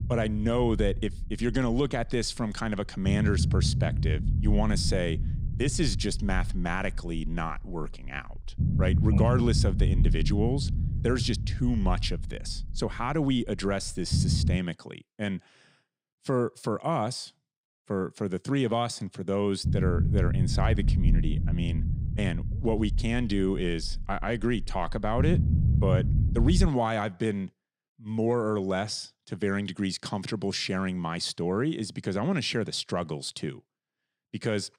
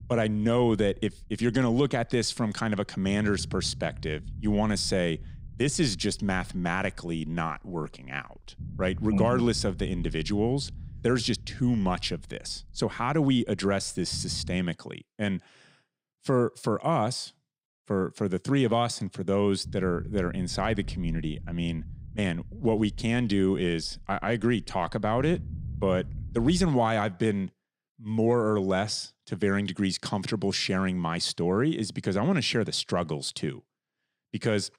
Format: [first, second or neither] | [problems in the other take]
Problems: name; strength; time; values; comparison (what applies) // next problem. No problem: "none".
second | low rumble; loud; until 15 s and from 20 to 27 s; 9 dB below the speech; faint in the second